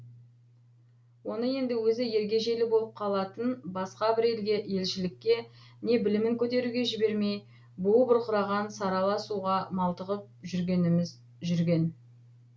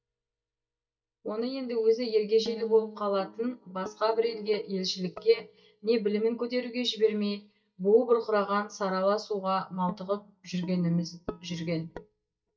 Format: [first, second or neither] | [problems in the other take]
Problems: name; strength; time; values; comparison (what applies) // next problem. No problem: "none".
first | noise reduction (neural mask model DeepFilterNet 3)